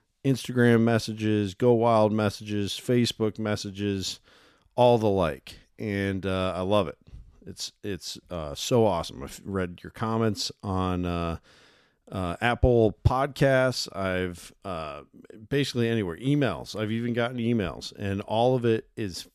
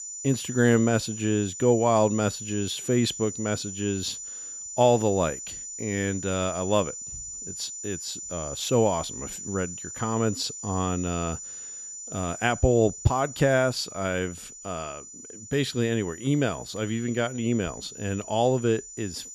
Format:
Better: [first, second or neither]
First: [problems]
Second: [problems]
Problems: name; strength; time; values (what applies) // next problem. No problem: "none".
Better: first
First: none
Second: high-pitched whine; loud; throughout; 7 kHz, 10 dB below the speech